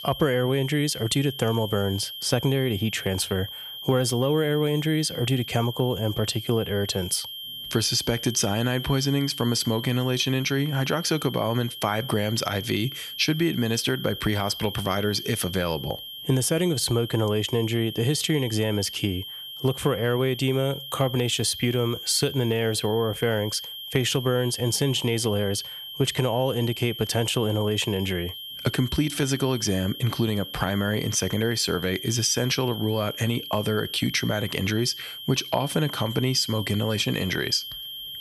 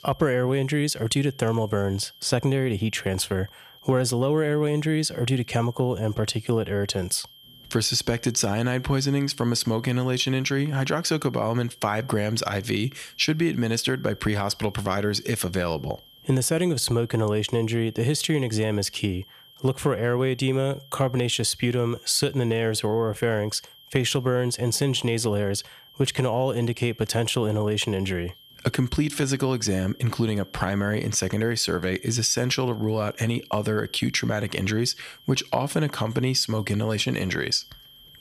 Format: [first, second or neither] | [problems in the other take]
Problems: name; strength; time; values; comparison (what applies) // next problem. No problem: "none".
second | high-pitched whine; loud; throughout; 3 kHz, 9 dB below the speech; faint in the second